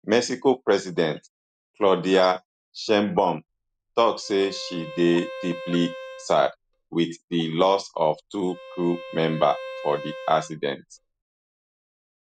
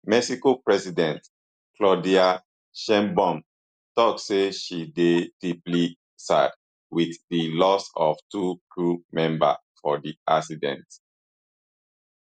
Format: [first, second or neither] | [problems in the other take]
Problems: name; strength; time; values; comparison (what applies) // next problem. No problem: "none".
second | background sound (Bowed string instrument); 14 dB below the speech